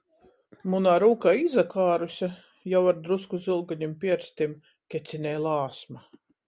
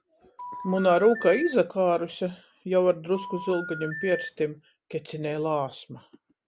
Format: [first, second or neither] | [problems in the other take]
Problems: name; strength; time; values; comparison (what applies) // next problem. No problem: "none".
first | background sound (Telephone); 10 dB below the speech